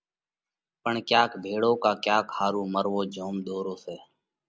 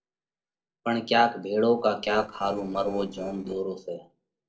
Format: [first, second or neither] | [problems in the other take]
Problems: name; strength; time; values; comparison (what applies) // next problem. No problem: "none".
first | noise reduction (neural separator model SepFormer DNS4)